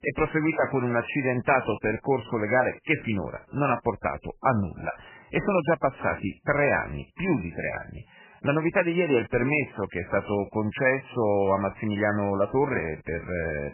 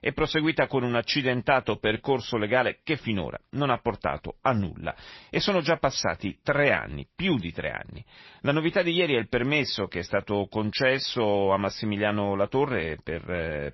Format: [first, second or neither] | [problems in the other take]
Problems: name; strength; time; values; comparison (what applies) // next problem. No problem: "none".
second | garbled, watery; badly; nothing above 2.5 kHz; slightly in the second